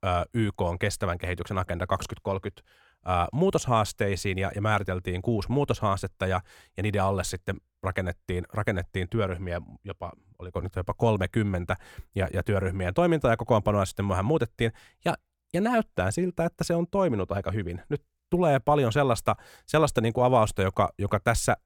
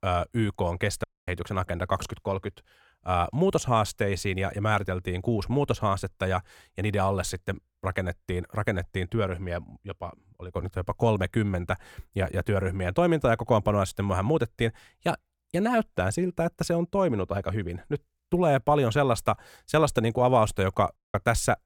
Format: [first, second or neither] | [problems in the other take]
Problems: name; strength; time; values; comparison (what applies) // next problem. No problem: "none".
first | audio cutting out; at 1 s and at 21 s